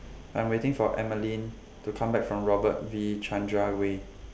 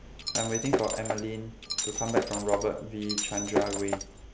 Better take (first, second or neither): first